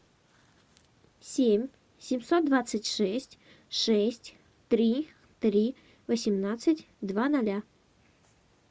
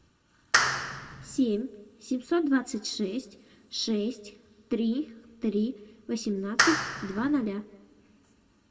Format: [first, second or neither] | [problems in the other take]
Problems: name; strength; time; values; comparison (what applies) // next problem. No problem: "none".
first | background sound (Clapping); 1 dB above the speech // room echo; dies away in 0.7 s